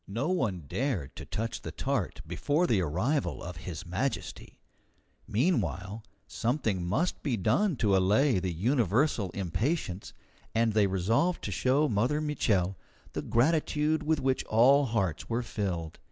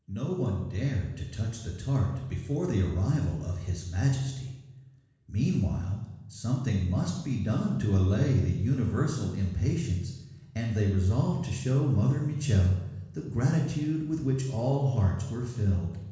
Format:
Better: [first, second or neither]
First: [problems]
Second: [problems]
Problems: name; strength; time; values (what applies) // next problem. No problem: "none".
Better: first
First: none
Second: room echo; dies away in 1.1 s